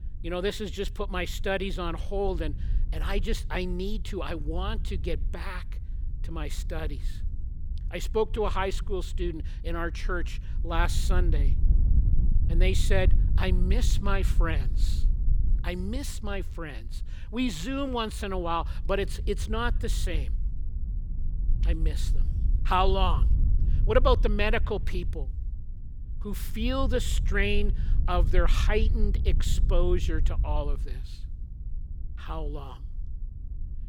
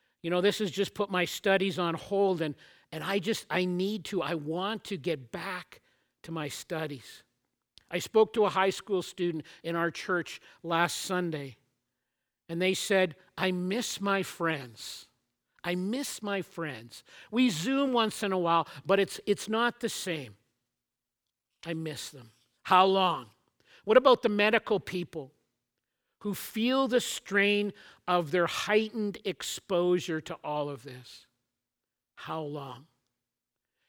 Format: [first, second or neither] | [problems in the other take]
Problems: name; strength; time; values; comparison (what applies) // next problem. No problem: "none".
second | wind noise on the microphone; occasional gusts; 20 dB below the speech